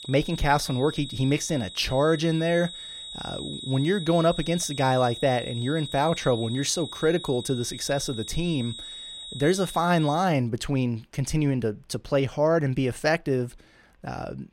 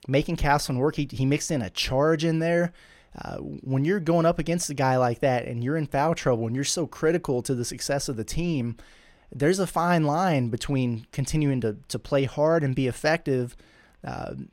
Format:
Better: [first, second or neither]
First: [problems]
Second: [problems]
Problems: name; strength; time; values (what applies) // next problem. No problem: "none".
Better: second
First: high-pitched whine; noticeable; until 10 s; 4 kHz, 10 dB below the speech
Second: none